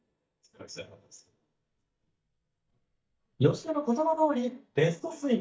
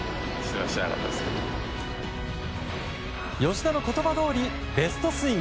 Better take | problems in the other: second | noise reduction (neural mask model DeepFilterNet 3)

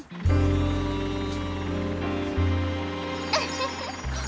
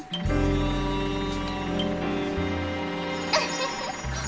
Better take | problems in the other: first | background sound (Doorbell); 15 dB below the speech // room echo; dies away in 2.9 s

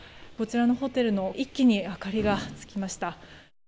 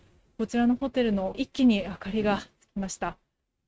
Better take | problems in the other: first | noise reduction (neural mask model RNNoise)

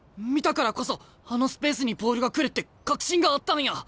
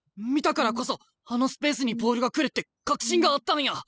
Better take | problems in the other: first | noise reduction (classical method spectral subtraction)

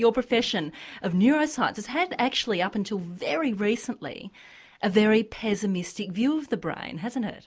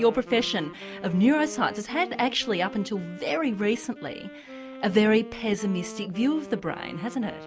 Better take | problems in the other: first | background sound (Wind instrument, woodwind instrument); 15 dB below the speech

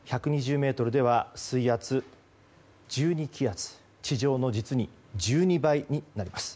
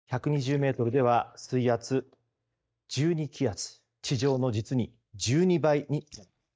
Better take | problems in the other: first | noise reduction (neural mask model DeepFilterNet 3)

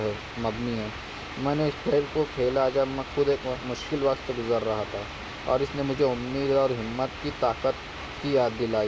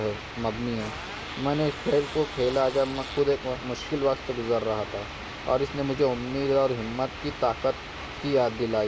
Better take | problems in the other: first | background sound (Fart); 16 dB below the speech

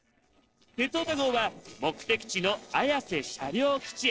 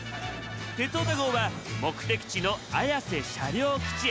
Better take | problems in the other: second | noise reduction (neural separator model SepFormer DNS4)

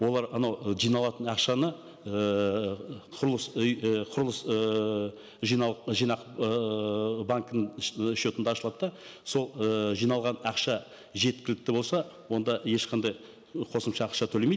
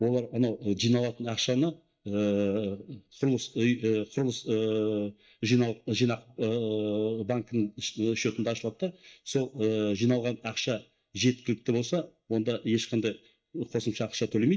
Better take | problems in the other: first | noise reduction (neural mask model DeepFilterNet 3)

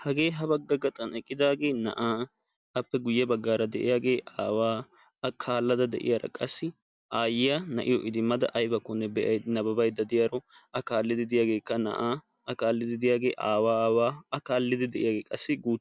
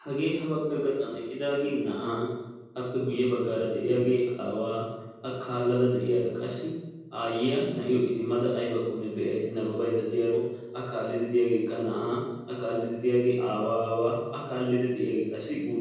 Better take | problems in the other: first | room echo; dies away in 1.3 s

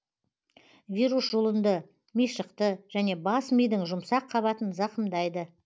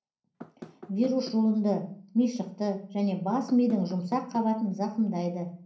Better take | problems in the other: first | background sound (Knock / Wood); 18 dB below the speech // room echo; dies away in 0.6 s

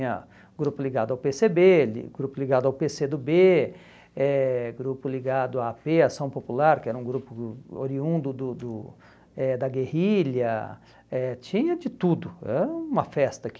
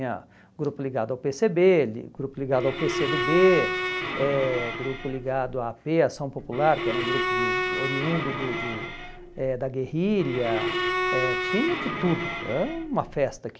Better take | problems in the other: first | background sound (Bowed string instrument); 3 dB below the speech

